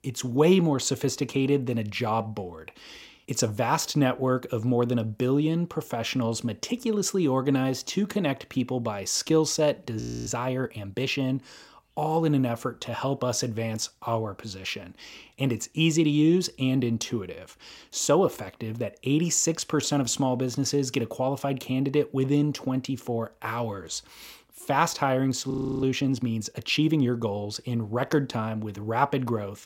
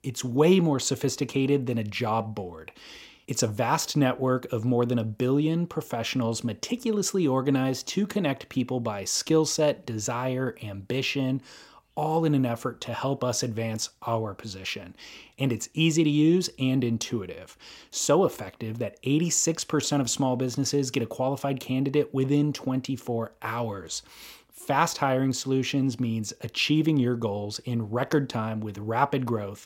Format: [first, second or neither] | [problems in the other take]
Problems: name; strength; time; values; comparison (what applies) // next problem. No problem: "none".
second | audio freezing; at 10 s and at 26 s